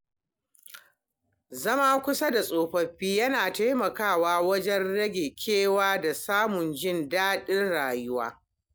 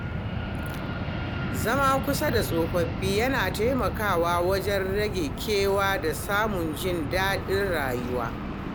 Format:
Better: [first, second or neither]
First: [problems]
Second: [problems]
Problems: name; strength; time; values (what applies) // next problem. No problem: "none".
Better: first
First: none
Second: background sound (Fixed-wing aircraft, airplane); 4 dB below the speech